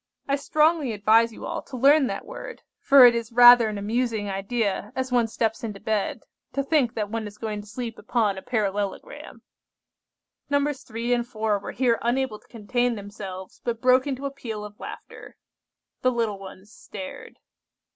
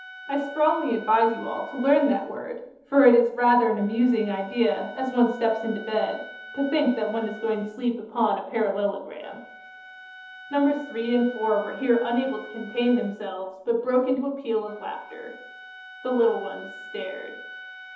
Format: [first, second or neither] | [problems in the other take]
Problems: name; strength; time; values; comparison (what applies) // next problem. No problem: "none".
first | background sound (Wind instrument, woodwind instrument); 18 dB below the speech // room echo; dies away in 0.8 s